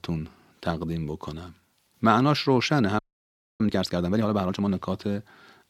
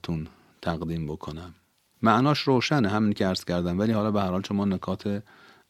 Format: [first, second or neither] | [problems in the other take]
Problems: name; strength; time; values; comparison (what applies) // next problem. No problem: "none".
second | audio freezing; at 3 s for 0.5 s